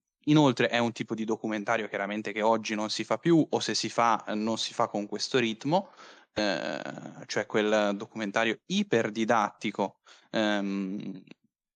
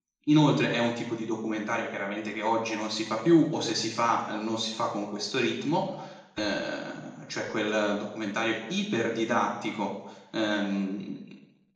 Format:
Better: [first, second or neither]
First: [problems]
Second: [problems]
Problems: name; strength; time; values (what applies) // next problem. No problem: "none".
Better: first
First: none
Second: room echo; noticeable; dies away in 0.8 s // off-mic speech; far